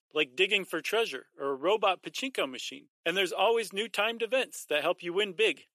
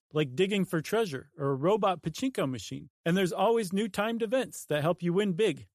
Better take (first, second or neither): second